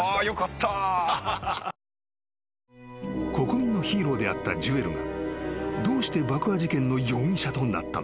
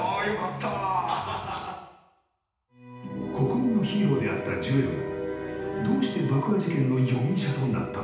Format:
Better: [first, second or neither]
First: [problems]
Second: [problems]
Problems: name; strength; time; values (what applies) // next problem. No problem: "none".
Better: first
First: none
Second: room echo; dies away in 0.8 s